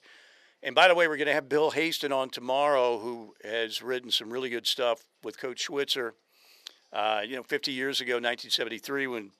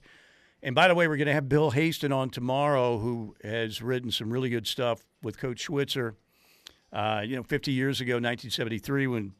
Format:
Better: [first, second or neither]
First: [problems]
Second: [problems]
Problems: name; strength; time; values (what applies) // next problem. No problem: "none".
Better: second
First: thin; somewhat; fading below 450 Hz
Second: none